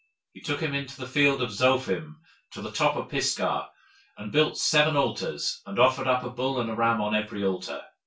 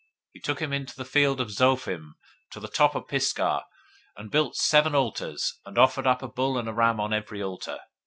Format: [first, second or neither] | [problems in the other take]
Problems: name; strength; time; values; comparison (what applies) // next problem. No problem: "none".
second | room echo; dies away in 0.2 s